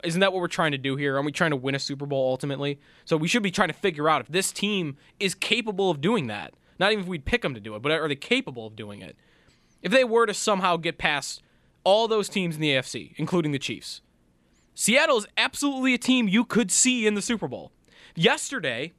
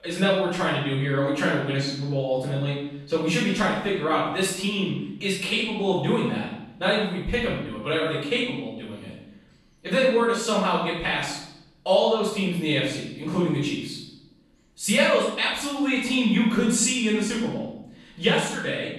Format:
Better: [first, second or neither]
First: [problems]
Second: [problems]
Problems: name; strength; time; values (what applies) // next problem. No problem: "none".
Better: first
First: none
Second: room echo; noticeable; dies away in 0.7 s // off-mic speech; far